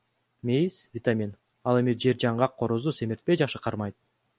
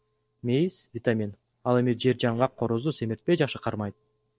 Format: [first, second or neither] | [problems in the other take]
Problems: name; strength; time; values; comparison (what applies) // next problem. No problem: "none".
first | noise reduction (neural separator model SepFormer DNS4)